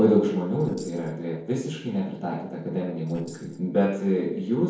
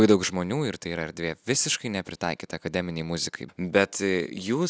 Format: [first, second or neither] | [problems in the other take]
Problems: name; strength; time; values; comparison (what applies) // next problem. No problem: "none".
second | noise reduction (neural separator model SepFormer DNS4)